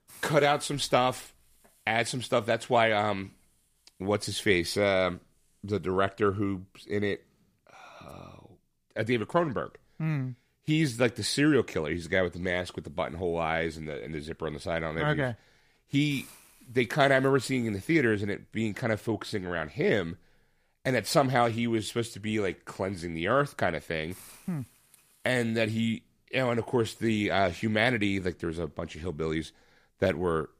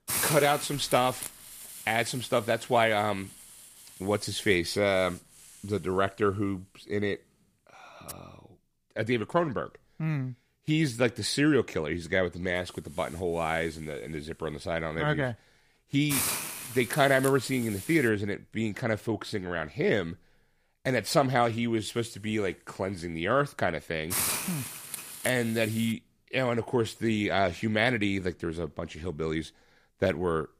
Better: first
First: hiss; faint; until 8 s, from 13 to 18 s and from 22 to 26 s; 25 dB below the speech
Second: hiss; loud; until 8 s, from 13 to 18 s and from 22 to 26 s; 6 dB below the speech

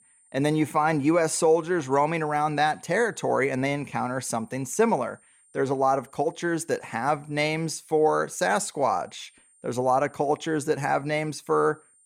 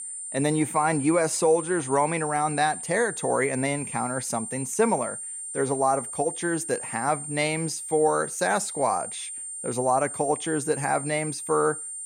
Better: first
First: high-pitched whine; faint; throughout; 9 kHz, 30 dB below the speech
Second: high-pitched whine; loud; throughout; 9 kHz, 7 dB below the speech

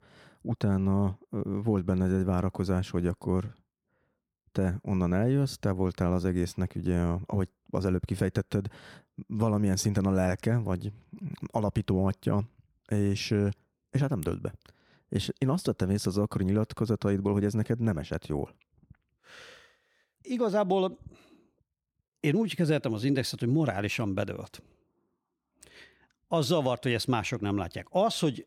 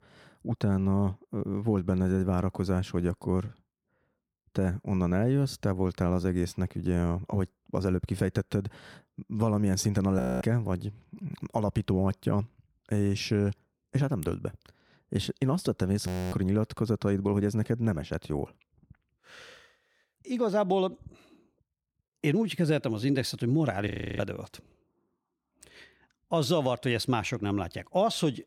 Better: first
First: none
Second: audio freezing; at 10 s, at 16 s and at 24 s

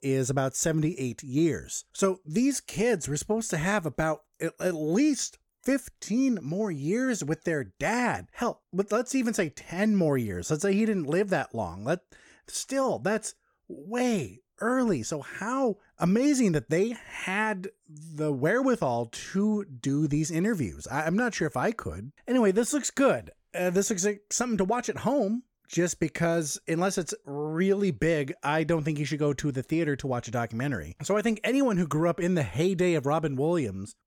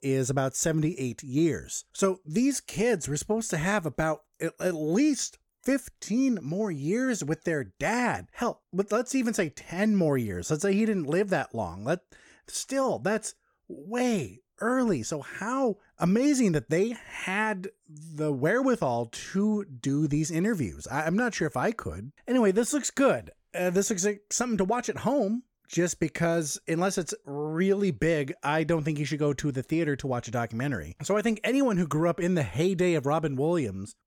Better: neither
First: none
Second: none

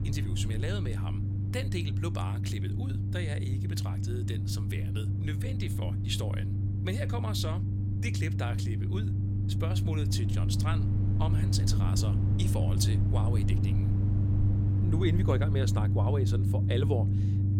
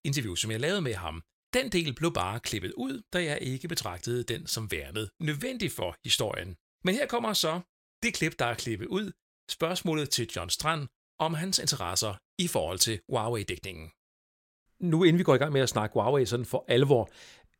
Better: second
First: low rumble; loud; throughout; 3 dB below the speech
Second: none

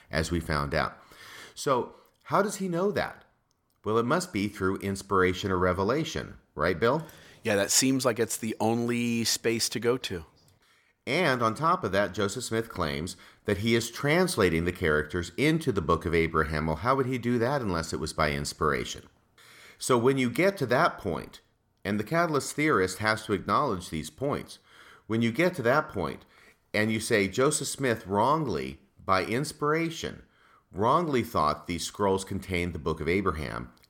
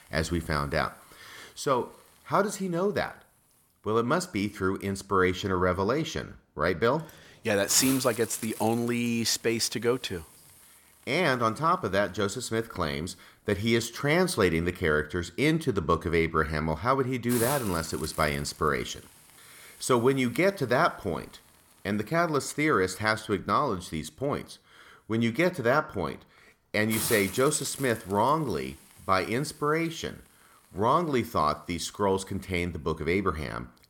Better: first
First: none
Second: hiss; noticeable; throughout; 10 dB below the speech

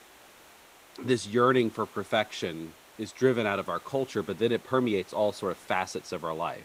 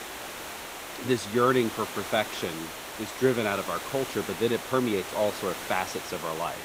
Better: first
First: hiss; faint; throughout; 25 dB below the speech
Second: hiss; loud; throughout; 8 dB below the speech

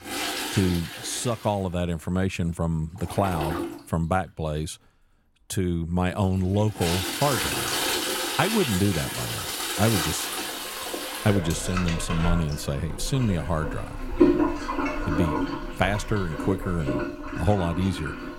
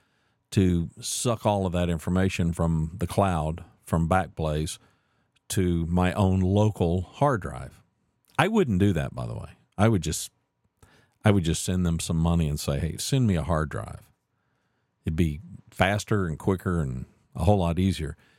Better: second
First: household noises; loud; throughout; 2 dB below the speech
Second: none

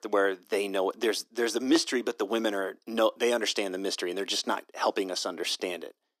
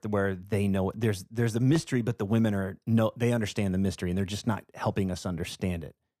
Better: second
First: thin; very; fading below 300 Hz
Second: none

